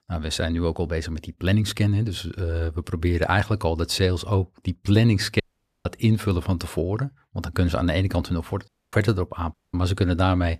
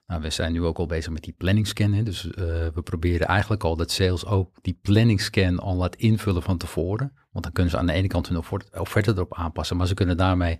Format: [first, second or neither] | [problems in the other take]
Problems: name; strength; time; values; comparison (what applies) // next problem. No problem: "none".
second | audio cutting out; at 5.5 s, at 8.5 s and at 9.5 s